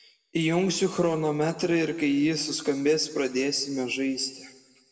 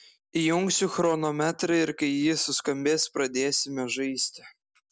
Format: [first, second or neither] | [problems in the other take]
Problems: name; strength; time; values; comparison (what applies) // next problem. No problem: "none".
second | room echo; dies away in 1.1 s